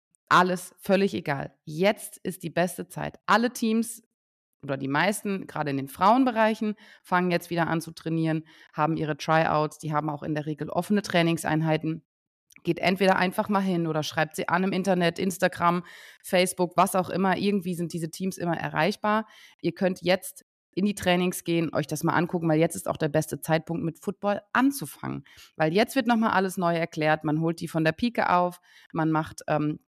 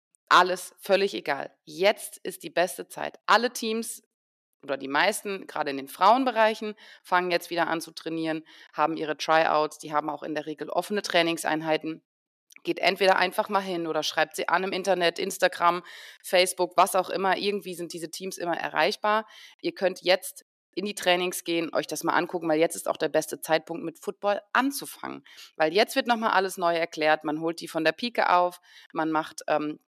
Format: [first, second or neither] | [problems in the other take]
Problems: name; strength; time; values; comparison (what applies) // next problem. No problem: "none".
first | thin; somewhat; fading below 400 Hz